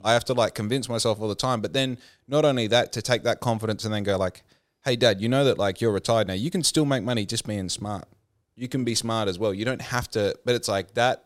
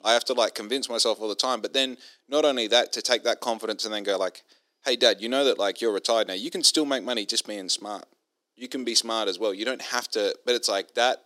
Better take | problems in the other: first | thin; somewhat; fading below 250 Hz

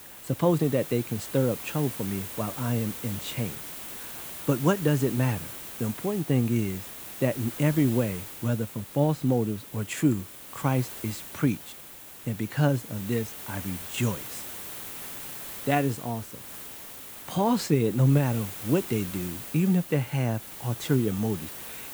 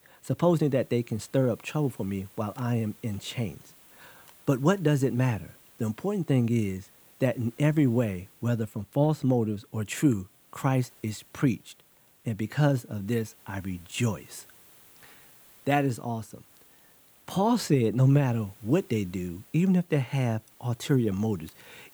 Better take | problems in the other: second | hiss; loud; throughout; 10 dB below the speech; faint in the second

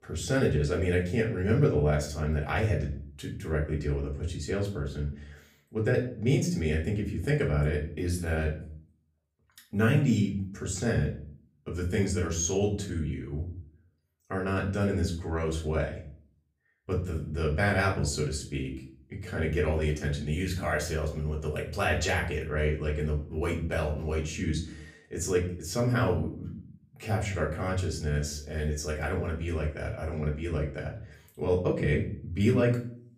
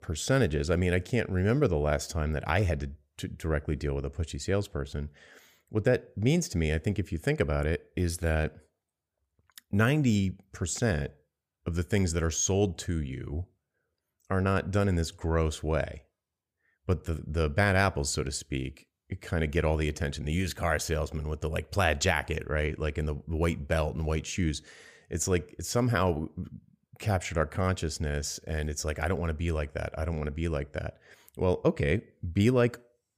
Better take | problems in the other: second | room echo; slight; dies away in 0.4 s // off-mic speech; far

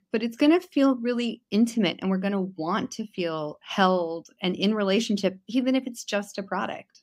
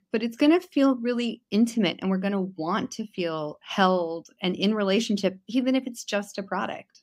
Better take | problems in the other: neither | none

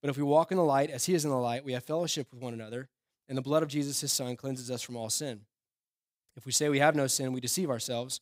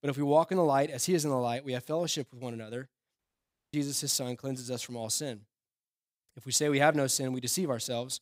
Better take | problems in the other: first | audio cutting out; at 3 s for 0.5 s

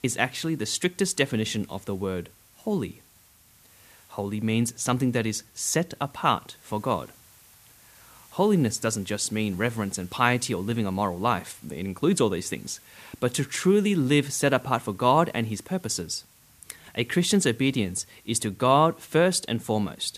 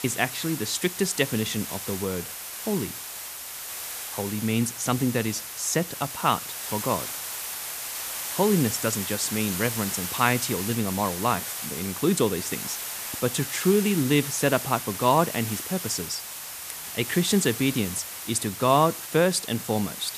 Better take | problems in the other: first | hiss; loud; throughout; 6 dB below the speech; faint in the first

